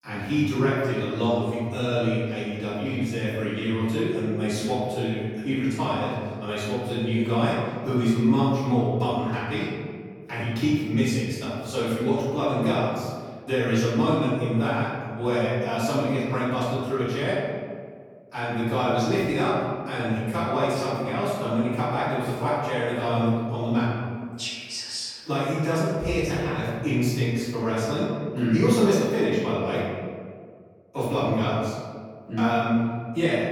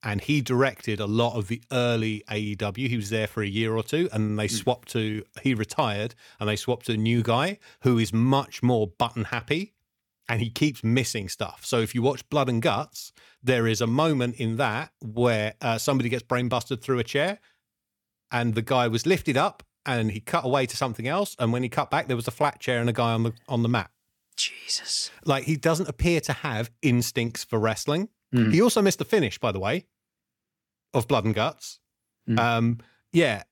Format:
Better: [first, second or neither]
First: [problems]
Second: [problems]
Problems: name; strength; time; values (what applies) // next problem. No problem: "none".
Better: second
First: off-mic speech; far // room echo; strong; dies away in 1.7 s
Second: none